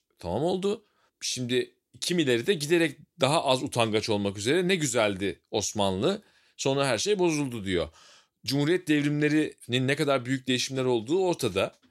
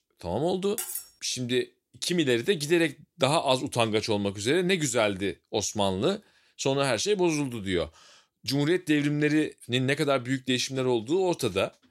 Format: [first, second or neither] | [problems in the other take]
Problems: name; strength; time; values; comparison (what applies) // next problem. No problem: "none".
first | clattering dishes; noticeable; at 1 s; peak 6 dB below the speech